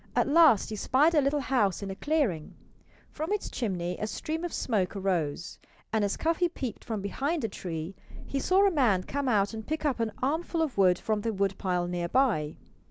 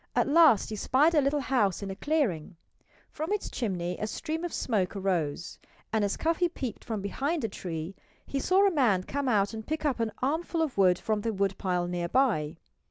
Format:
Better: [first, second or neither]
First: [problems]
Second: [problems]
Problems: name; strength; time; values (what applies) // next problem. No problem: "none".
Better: second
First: background sound (Thunder); 18 dB below the speech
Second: none